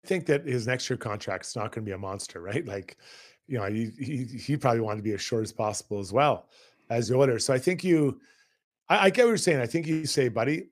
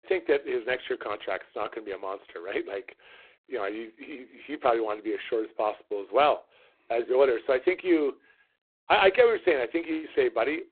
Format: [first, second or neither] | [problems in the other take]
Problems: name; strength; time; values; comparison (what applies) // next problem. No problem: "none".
first | phone-call audio; poor line